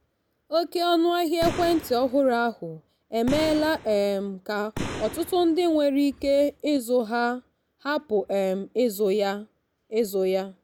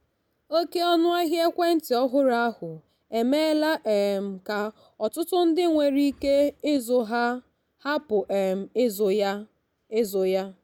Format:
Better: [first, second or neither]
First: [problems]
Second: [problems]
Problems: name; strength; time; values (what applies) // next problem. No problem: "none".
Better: second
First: background sound (Boom); 10 dB below the speech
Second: none